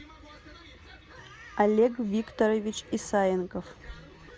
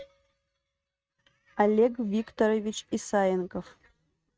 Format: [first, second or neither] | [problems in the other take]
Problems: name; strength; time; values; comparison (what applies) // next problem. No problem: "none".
first | noise reduction (neural mask model RNNoise)